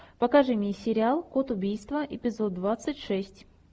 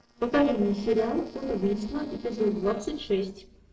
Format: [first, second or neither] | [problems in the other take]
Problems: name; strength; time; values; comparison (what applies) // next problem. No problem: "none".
first | noise reduction (neural separator model SepFormer DNS4)